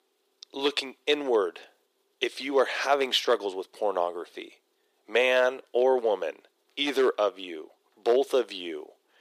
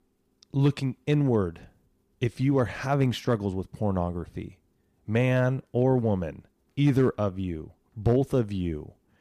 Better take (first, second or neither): second